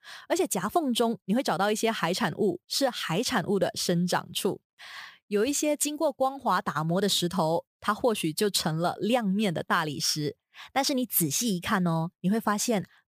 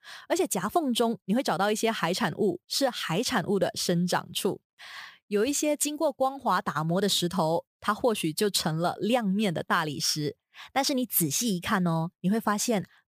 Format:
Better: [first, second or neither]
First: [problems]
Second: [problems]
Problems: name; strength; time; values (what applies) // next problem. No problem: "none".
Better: neither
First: none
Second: none